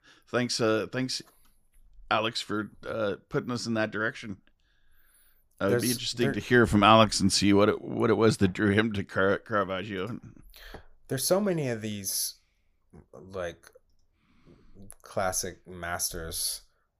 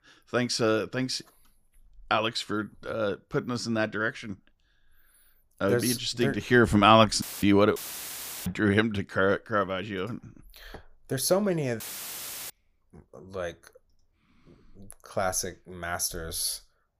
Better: first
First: none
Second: audio cutting out; filled with static; at 7 s, at 8 s for 0.5 s and at 12 s for 0.5 s

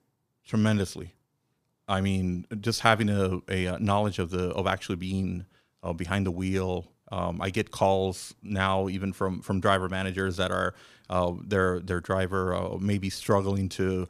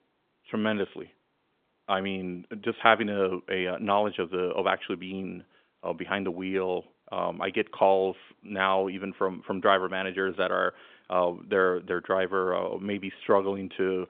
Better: first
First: none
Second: phone-call audio; nothing above 3.5 kHz

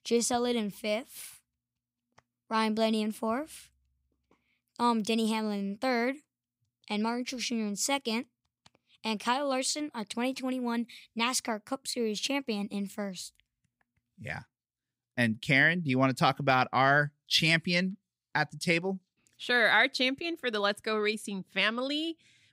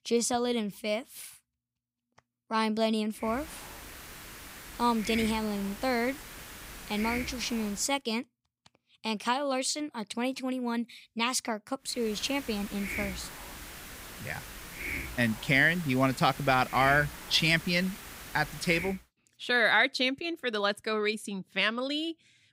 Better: first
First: none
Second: hiss; noticeable; from 3.5 to 8 s and from 12 to 19 s; 10 dB below the speech

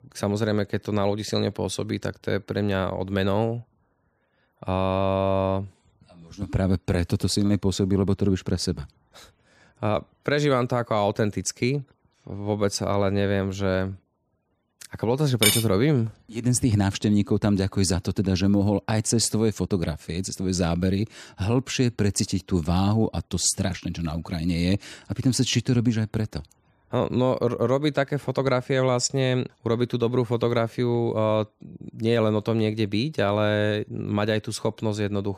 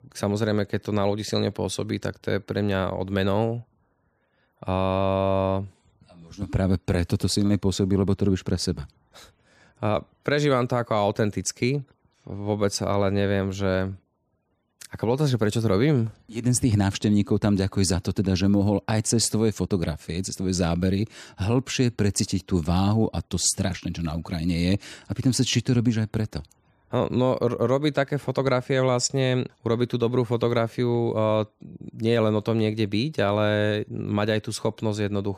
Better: second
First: clattering dishes; loud; at 15 s; peak 4 dB above the speech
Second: none

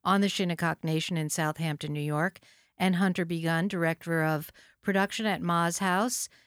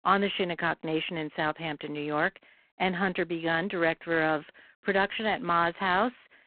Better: first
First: none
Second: phone-call audio; poor line

